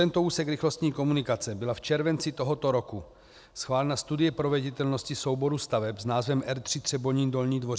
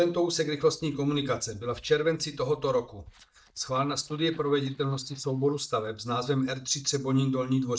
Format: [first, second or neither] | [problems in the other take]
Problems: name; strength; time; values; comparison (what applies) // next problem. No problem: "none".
first | noise reduction (neural mask model DeepFilterNet 3)